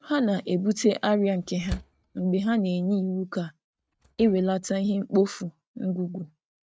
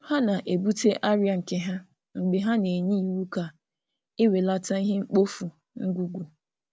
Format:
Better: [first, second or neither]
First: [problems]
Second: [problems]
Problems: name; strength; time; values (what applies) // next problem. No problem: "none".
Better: second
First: noise reduction (neural mask model RNNoise)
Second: none